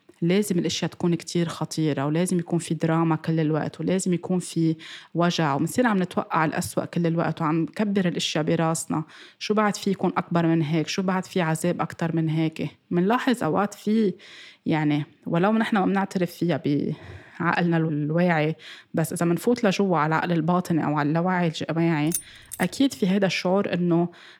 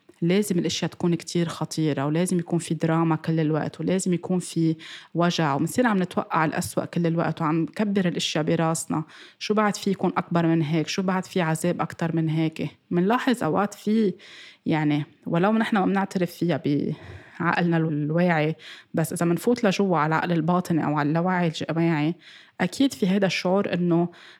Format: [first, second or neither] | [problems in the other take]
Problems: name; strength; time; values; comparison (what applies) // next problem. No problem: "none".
second | jangling keys; noticeable; at 22 s; peak 6 dB below the speech